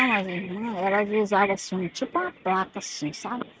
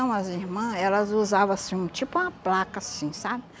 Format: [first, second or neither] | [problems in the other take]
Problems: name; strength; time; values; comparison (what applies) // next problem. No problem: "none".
second | noise reduction (neural mask model RNNoise)